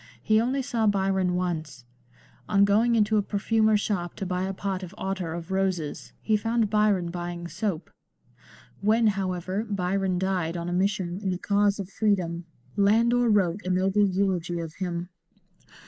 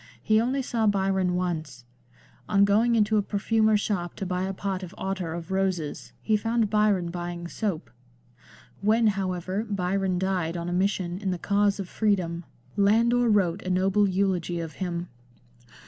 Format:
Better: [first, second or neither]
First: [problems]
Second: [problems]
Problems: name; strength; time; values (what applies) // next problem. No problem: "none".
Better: second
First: noise reduction (neural mask model Resemble Enhance denoiser)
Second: none